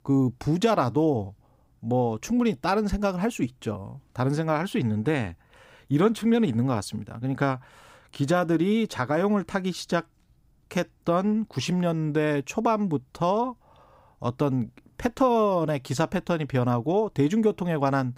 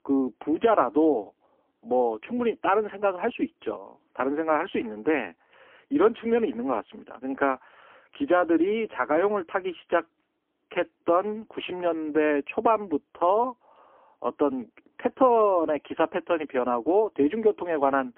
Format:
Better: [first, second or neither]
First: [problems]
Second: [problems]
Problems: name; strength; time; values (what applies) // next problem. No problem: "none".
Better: first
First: none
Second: phone-call audio; poor line; nothing above 3 kHz